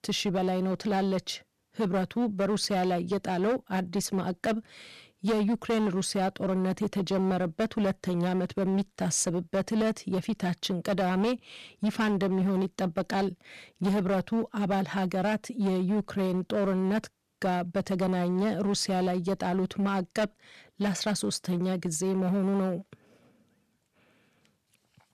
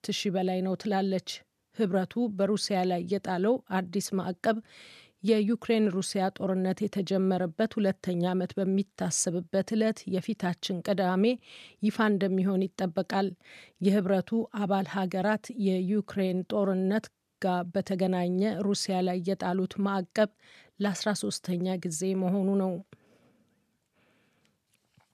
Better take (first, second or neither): second